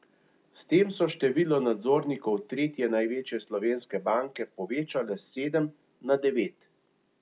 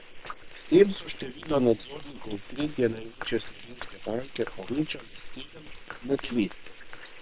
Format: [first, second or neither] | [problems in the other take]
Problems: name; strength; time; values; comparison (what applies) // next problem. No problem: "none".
first | noise reduction (neural separator model SepFormer WHAM!)